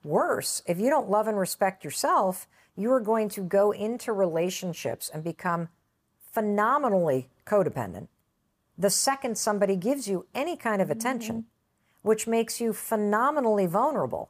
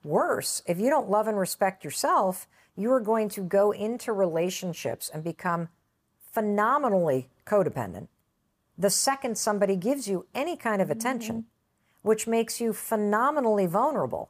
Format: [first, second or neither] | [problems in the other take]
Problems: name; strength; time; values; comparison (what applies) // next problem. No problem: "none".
neither | none